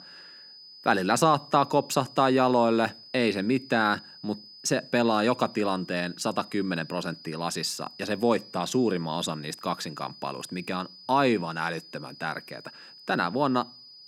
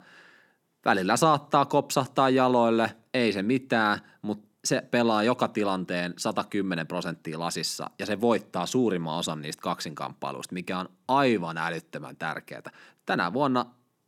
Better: second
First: high-pitched whine; noticeable; throughout; 5 kHz, 20 dB below the speech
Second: none

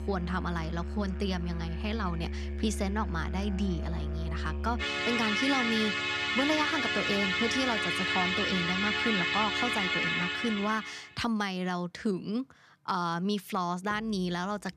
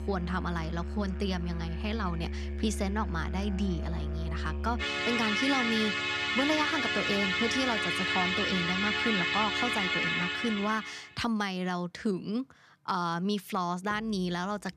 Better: neither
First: background music; very loud; until 11 s; 2 dB above the speech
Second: background music; very loud; until 11 s; 2 dB above the speech

